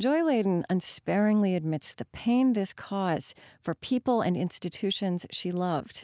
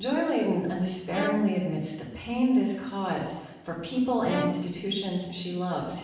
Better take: first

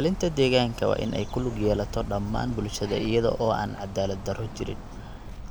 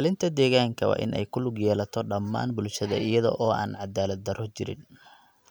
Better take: second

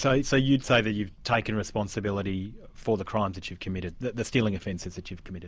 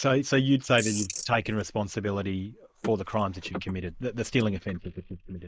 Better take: first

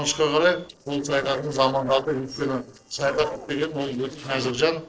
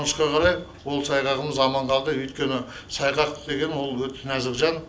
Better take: second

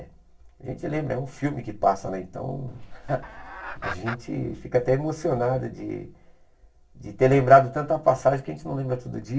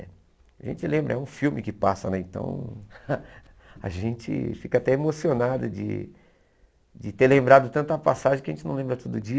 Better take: second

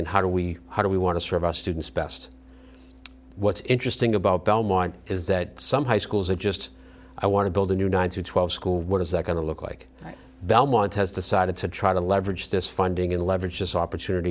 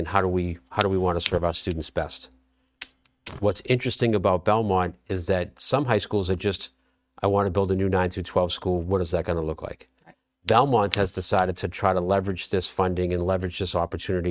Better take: first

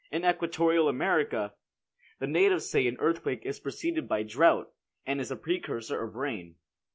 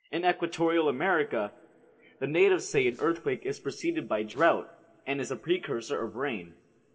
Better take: first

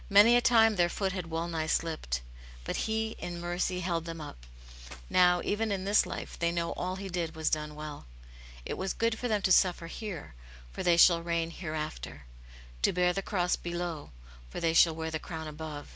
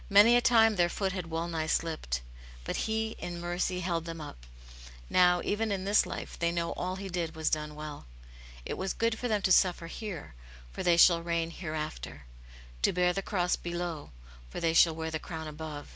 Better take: second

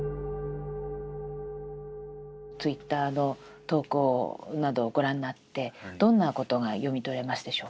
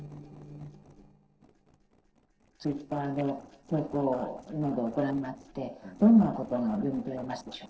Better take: first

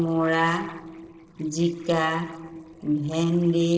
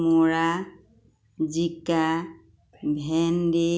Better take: second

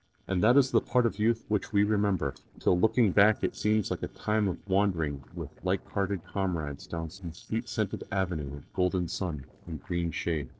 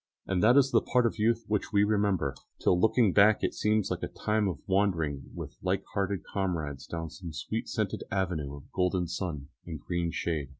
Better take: second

